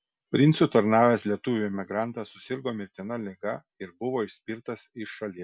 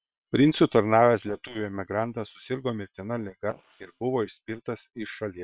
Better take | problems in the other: first | noise reduction (neural separator model SepFormer WHAM!)

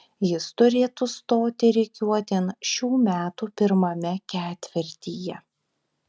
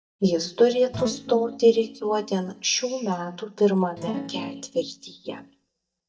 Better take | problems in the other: first | noise reduction (neural mask model DeepFilterNet 3)

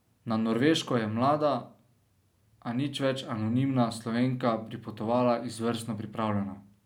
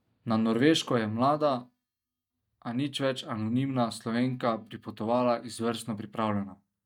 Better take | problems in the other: first | noise reduction (neural mask model DeepFilterNet 3)

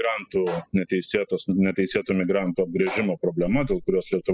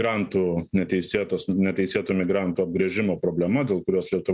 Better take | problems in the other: second | noise reduction (classical method spectral subtraction)

